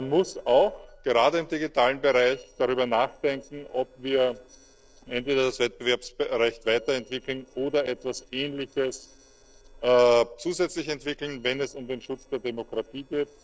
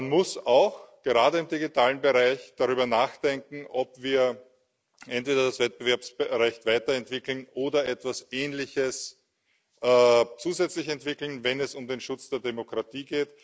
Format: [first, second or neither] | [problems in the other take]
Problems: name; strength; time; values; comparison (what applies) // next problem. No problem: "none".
second | noise reduction (neural separator model SepFormer DNS4)